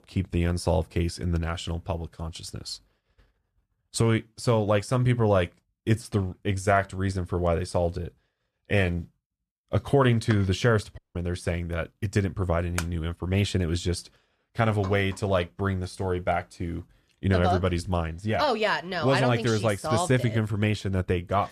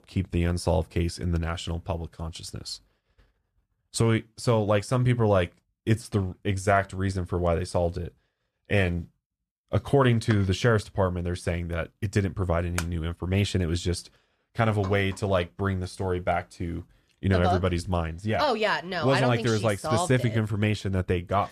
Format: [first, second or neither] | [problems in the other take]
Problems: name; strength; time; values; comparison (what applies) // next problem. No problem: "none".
second | audio cutting out; at 11 s